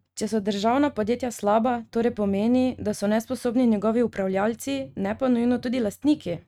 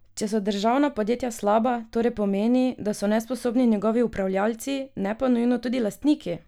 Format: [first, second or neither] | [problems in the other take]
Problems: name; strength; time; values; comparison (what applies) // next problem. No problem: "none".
second | noise reduction (neural mask model RNNoise)